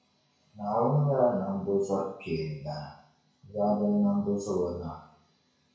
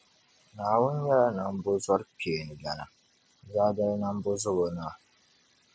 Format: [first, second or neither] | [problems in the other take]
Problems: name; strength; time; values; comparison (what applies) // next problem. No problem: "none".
second | room echo; dies away in 0.6 s